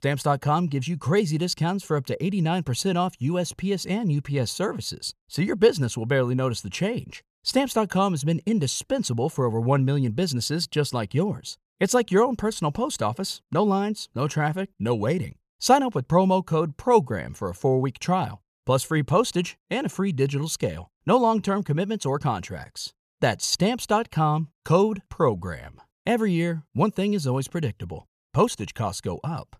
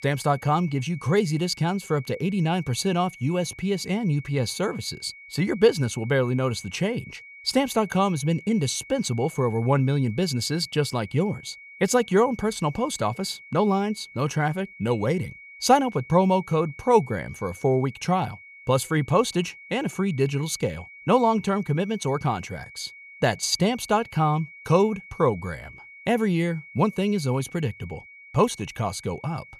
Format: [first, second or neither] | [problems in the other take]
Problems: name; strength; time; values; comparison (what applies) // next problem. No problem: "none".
first | high-pitched whine; noticeable; throughout; 2 kHz, 20 dB below the speech